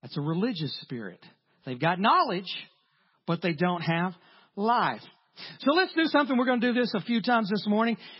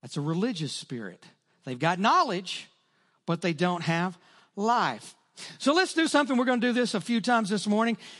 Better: second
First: garbled, watery; badly; nothing above 5.5 kHz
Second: garbled, watery; slightly; nothing above 11 kHz

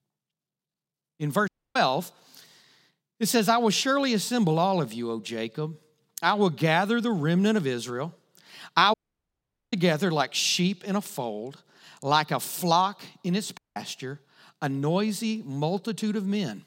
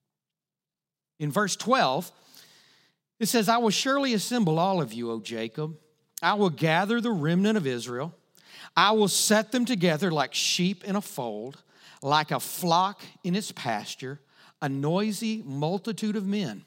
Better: second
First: audio cutting out; at 1.5 s, at 9 s for 1 s and at 14 s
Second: none

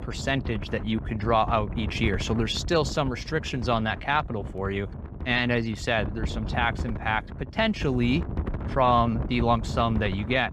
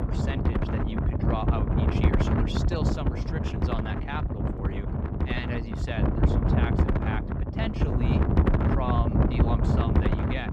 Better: first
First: wind noise on the microphone; occasional gusts; 15 dB below the speech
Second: wind noise on the microphone; heavy; 3 dB above the speech

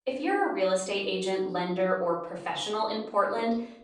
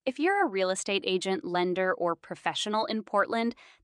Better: second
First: off-mic speech; far // room echo; noticeable; dies away in 0.5 s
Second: none

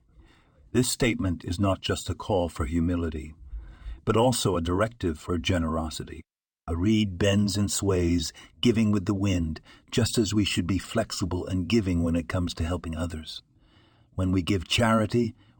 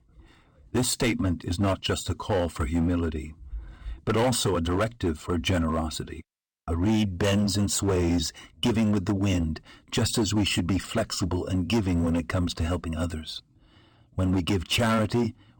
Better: first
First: none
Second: distortion; slight; 9% of the sound clipped

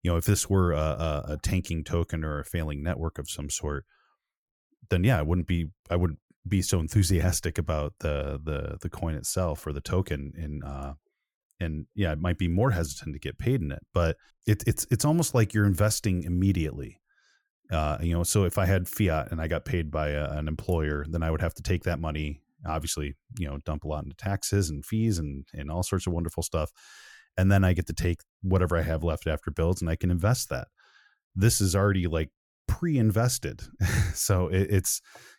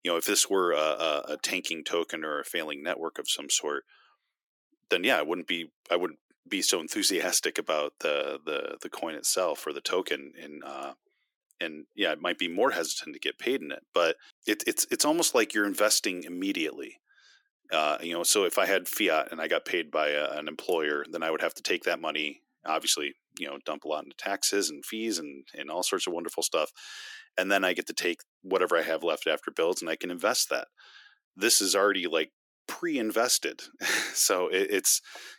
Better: first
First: none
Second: thin; very; fading below 300 Hz

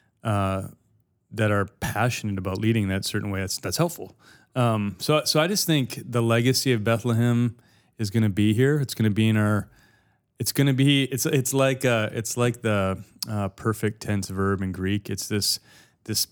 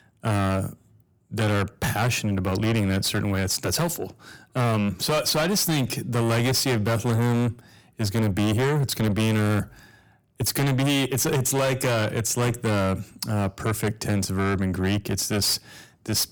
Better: first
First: none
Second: distortion; heavy; 6 dB below the speech

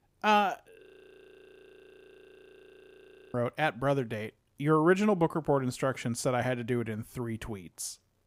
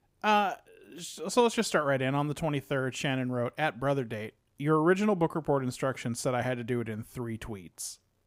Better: second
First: audio freezing; at 1 s for 2.5 s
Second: none

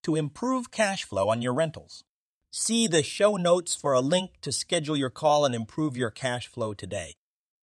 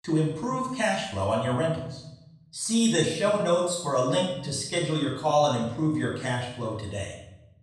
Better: first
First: none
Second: off-mic speech; far // room echo; noticeable; dies away in 0.8 s

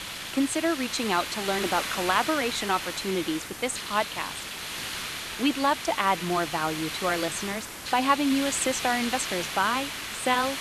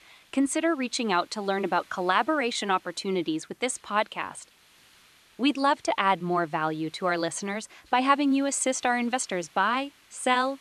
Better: second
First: hiss; loud; throughout; 5 dB below the speech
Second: hiss; faint; throughout; 30 dB below the speech

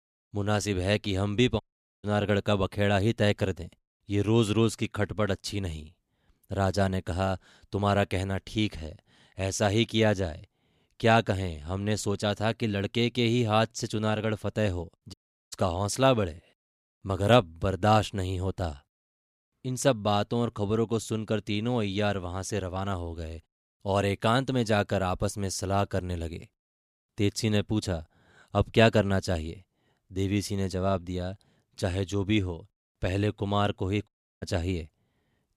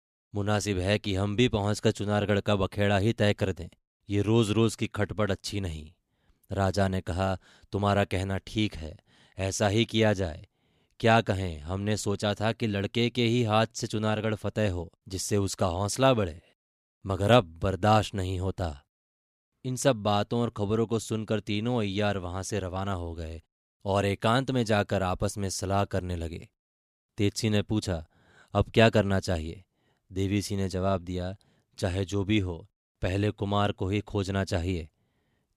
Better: second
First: audio cutting out; at 1.5 s, at 15 s and at 34 s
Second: none

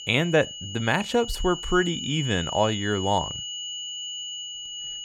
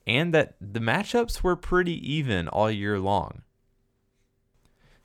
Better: second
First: high-pitched whine; loud; throughout; 3 kHz, 7 dB below the speech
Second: none

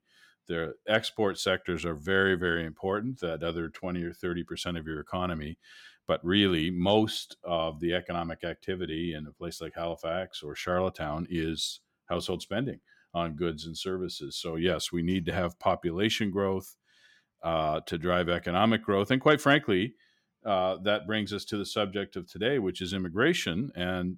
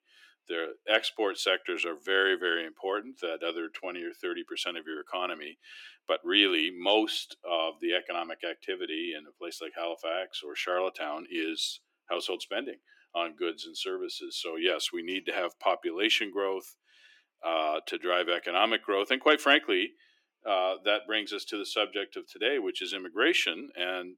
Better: first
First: none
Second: thin; somewhat; fading below 300 Hz

